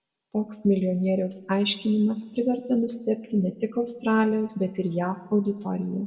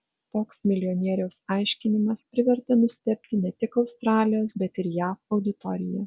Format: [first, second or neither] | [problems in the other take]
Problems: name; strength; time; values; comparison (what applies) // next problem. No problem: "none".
second | room echo; dies away in 1.1 s